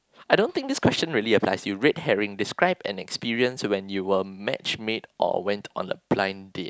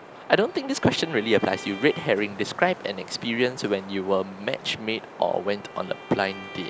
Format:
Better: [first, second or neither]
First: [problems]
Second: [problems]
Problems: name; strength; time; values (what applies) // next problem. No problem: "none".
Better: first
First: none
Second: background sound (Bowed string instrument + Wind); 15 dB below the speech